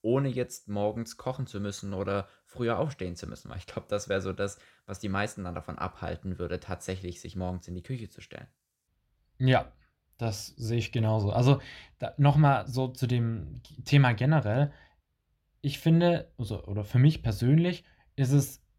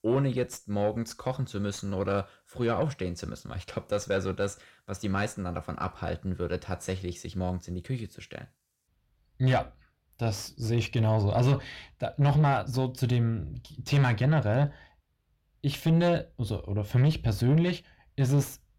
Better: first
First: none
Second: distortion; slight; 10 dB below the speech

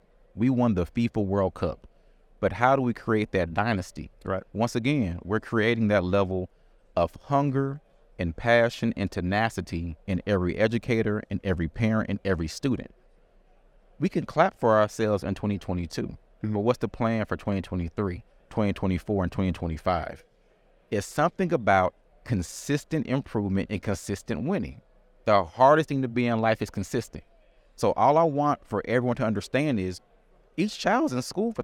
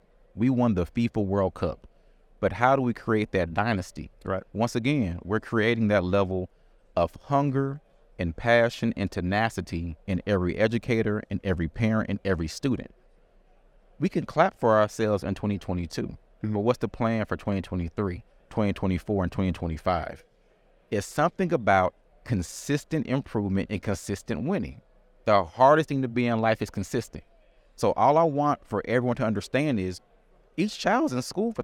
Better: neither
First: none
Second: none

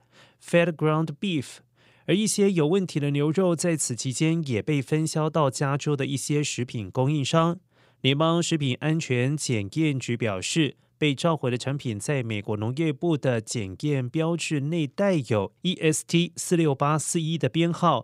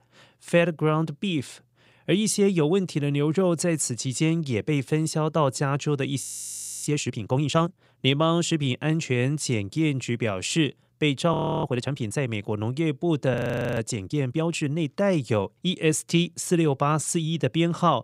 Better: first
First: none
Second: audio freezing; at 6 s for 0.5 s, at 11 s and at 13 s

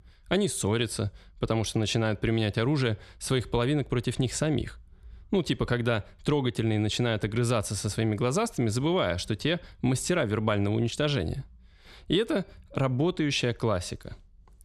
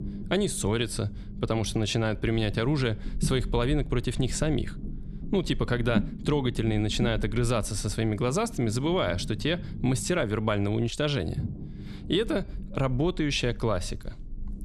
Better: first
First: none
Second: low rumble; noticeable; throughout; 15 dB below the speech

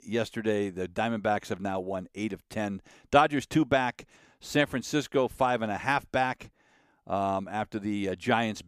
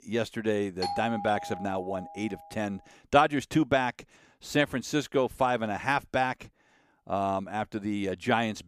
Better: first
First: none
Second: doorbell; noticeable; from 1 to 2.5 s; peak 4 dB below the speech

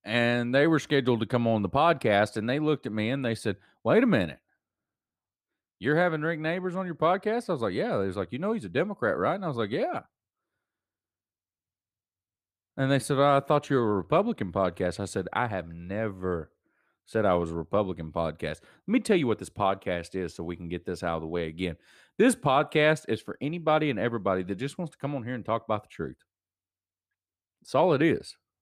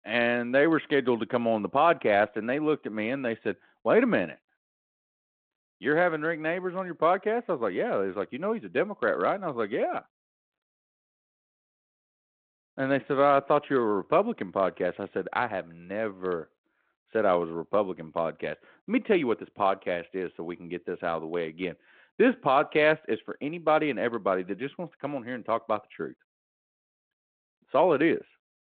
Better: first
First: none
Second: phone-call audio; nothing above 3.5 kHz

